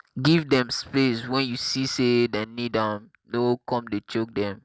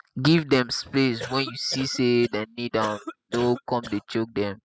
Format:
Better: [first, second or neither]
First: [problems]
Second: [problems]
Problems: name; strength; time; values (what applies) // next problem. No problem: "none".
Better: first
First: none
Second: noise reduction (classical method spectral subtraction)